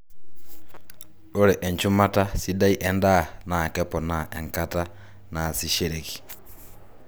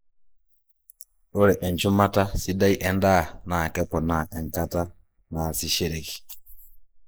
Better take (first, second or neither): first